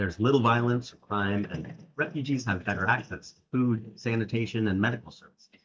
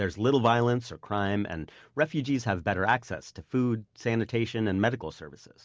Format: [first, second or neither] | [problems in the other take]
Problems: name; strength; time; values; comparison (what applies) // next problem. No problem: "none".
second | noise reduction (neural mask model DeepFilterNet 3)